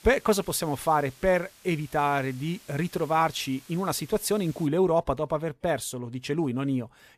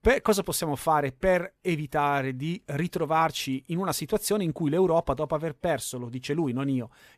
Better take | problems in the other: second | hiss; faint; until 4.5 s; 25 dB below the speech

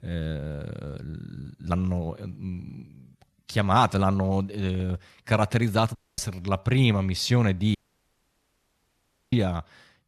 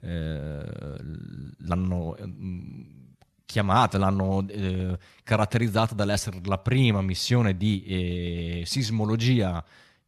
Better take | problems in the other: second | audio cutting out; at 6 s and at 8 s for 1.5 s

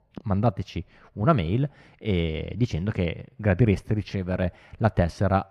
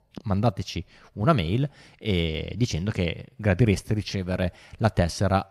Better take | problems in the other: second | muffled; slightly; fading above 3.5 kHz

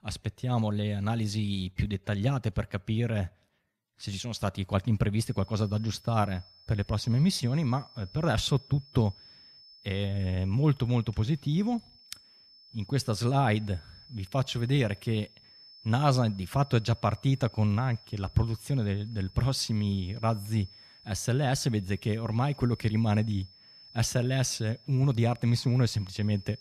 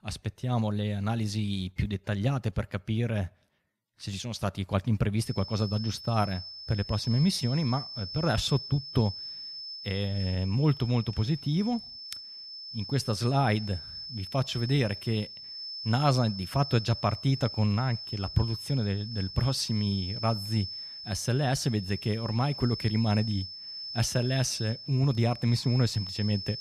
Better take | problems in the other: first | high-pitched whine; loud; from 5 s on; 5.5 kHz, 9 dB below the speech; faint in the first

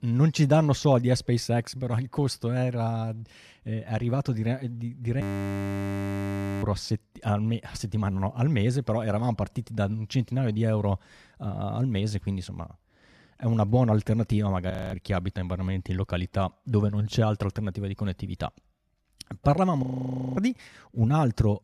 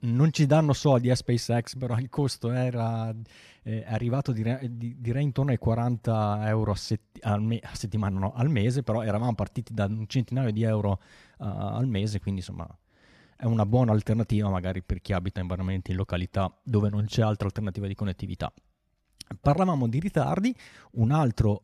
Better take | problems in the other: second | audio freezing; at 5 s for 1.5 s, at 15 s and at 20 s for 0.5 s

